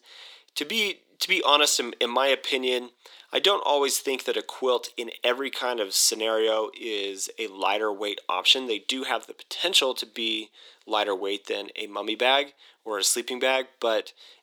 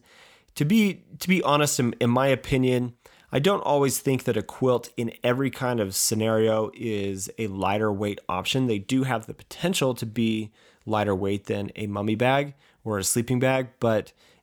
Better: second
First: thin; very; fading below 300 Hz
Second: none

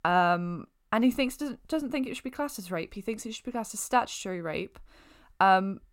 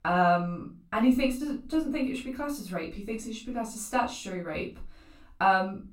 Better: first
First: none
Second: off-mic speech; far // room echo; slight; dies away in 0.3 s

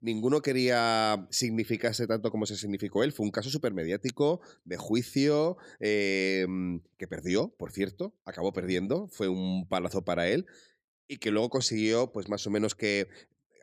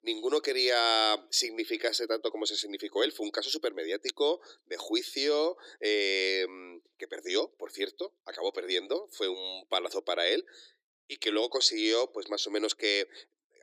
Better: first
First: none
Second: thin; very; fading below 300 Hz

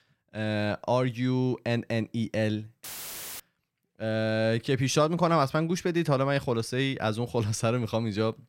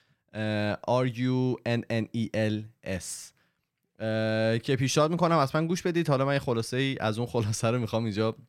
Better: second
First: audio cutting out; filled with static; at 3 s for 0.5 s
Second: none

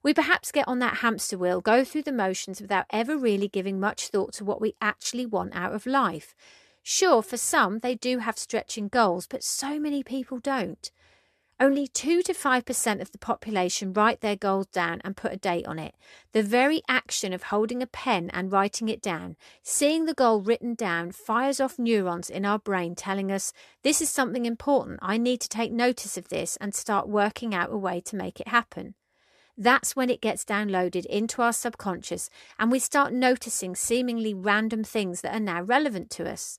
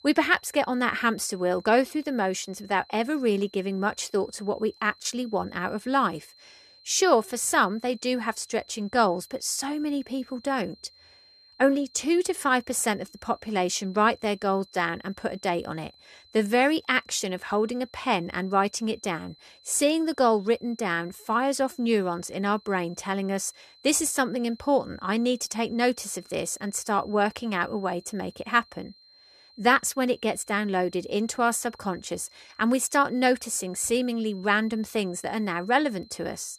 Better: first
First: none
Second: high-pitched whine; faint; throughout; 4 kHz, 25 dB below the speech

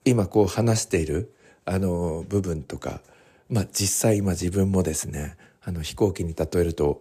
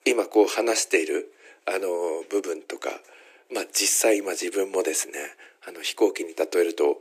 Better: first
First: none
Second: thin; very; fading below 300 Hz

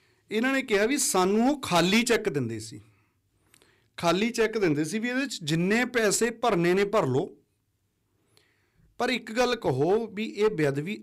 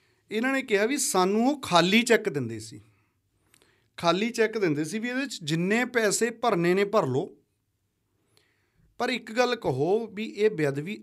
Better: second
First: distortion; slight; 5% of the sound clipped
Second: none

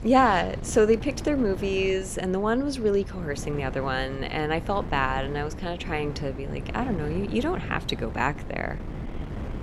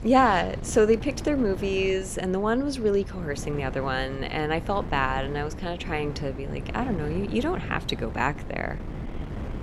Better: neither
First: wind noise on the microphone; occasional gusts; 15 dB below the speech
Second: wind noise on the microphone; occasional gusts; 15 dB below the speech

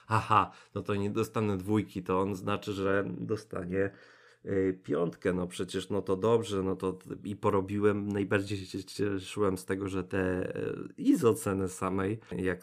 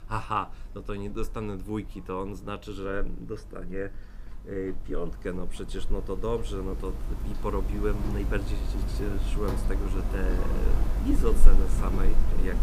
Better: first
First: none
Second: machinery noise; very loud; throughout; 3 dB above the speech

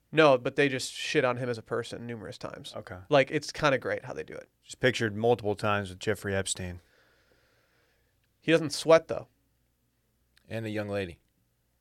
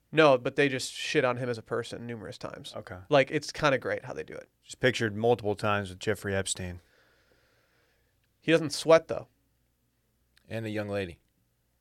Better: neither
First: none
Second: none

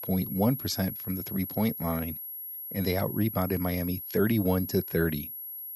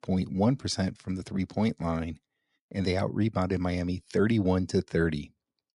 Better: second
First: high-pitched whine; loud; throughout; 11.5 kHz, 7 dB below the speech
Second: none

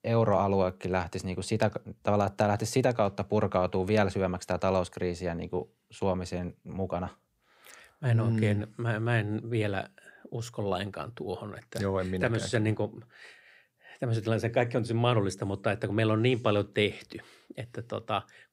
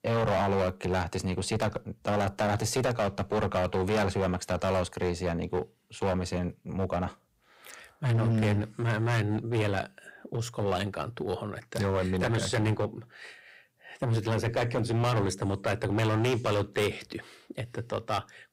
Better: first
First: none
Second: distortion; heavy; 12% of the sound clipped

